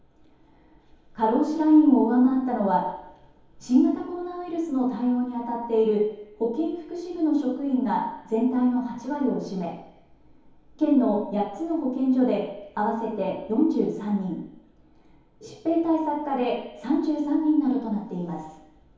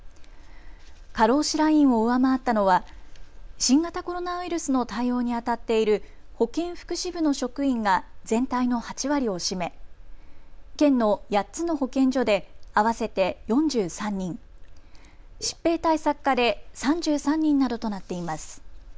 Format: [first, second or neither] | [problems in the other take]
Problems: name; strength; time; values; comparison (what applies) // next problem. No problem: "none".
second | room echo; dies away in 2.2 s